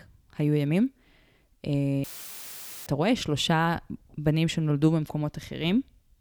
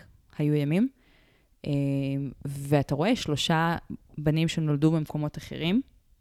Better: second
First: audio cutting out; filled with static; at 2 s for 1 s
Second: none

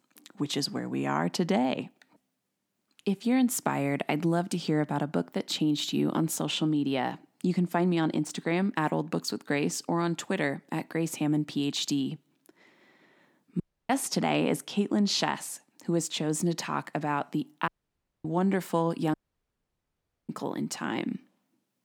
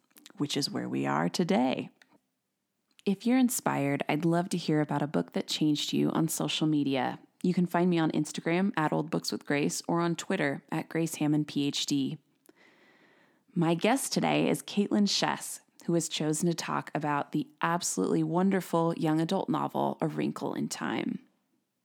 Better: second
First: audio cutting out; at 14 s, at 18 s for 0.5 s and at 19 s for 1 s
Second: none

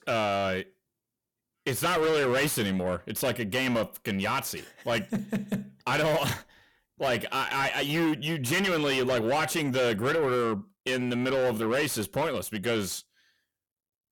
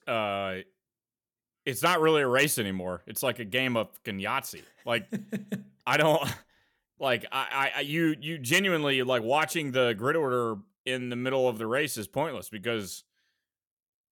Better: second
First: distortion; heavy; 6 dB below the speech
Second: none

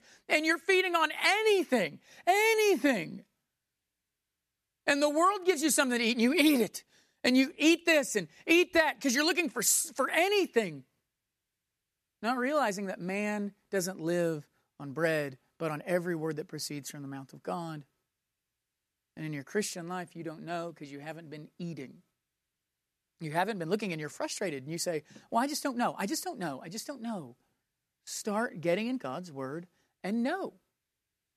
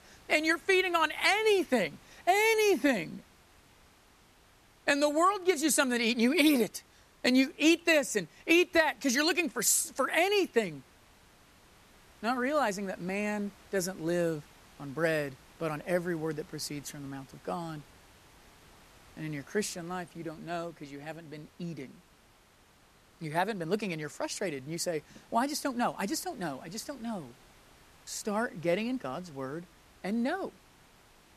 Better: first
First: none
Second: hiss; faint; throughout; 30 dB below the speech

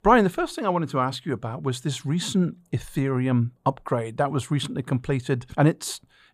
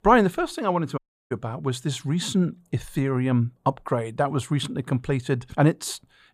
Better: first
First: none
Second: audio cutting out; at 1 s

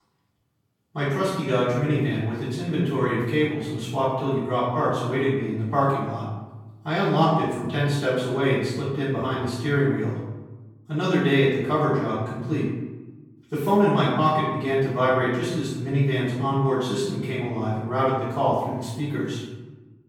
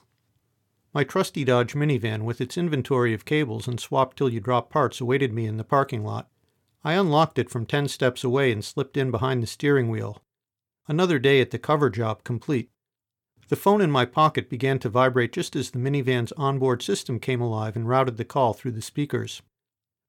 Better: second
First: off-mic speech; far // room echo; noticeable; dies away in 1 s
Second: none

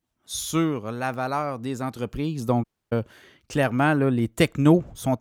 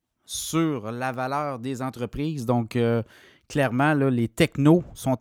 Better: second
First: audio cutting out; at 2.5 s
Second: none

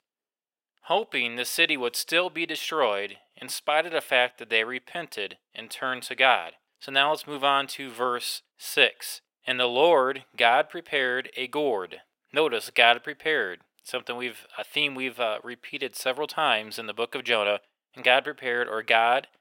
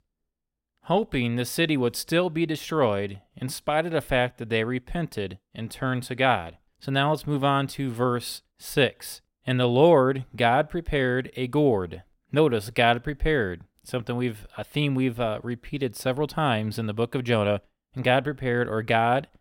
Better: second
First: thin; very; fading below 550 Hz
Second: none

